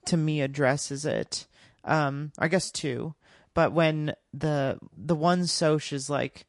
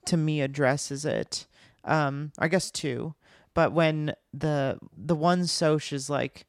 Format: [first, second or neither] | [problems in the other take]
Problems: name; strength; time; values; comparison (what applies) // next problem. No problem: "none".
second | garbled, watery; slightly; nothing above 10 kHz